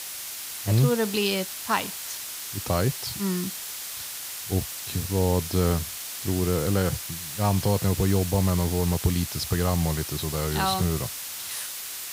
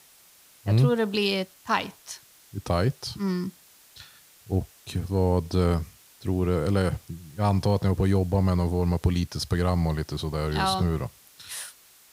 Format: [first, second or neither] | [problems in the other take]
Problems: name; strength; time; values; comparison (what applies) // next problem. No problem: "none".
second | hiss; loud; throughout; 6 dB below the speech; faint in the second